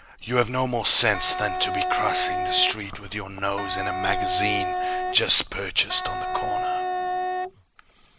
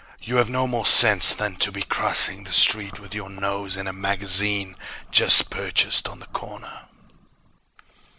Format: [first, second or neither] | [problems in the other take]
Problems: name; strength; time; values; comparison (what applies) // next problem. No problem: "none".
second | background sound (Wind instrument, woodwind instrument); as loud as the speech